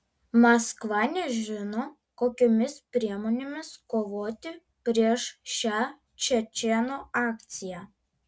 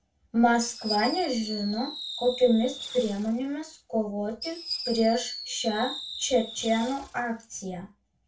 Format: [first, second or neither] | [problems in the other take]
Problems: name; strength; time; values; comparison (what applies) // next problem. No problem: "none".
first | background sound (Fireworks); 11 dB below the speech // room echo; dies away in 0.2 s